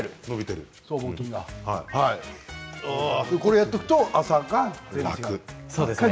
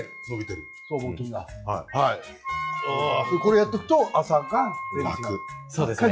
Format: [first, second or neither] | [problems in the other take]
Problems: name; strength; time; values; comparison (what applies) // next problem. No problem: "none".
first | noise reduction (classical method log-MMSE)